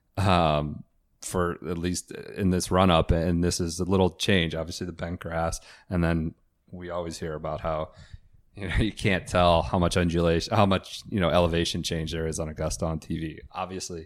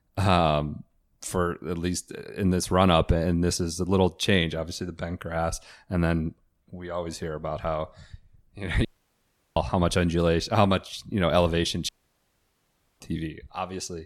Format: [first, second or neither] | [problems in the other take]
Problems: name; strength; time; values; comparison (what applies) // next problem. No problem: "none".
first | audio cutting out; at 9 s for 0.5 s and at 12 s for 1 s